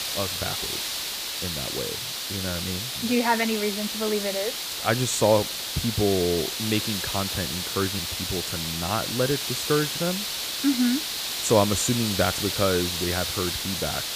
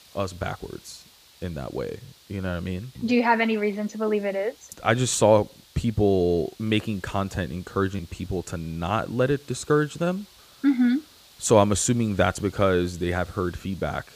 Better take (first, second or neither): second